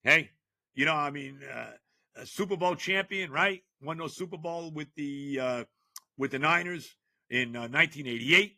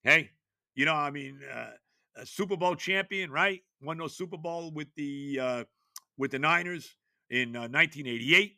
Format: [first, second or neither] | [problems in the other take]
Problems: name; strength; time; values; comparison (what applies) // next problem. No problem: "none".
second | garbled, watery; slightly; nothing above 14.5 kHz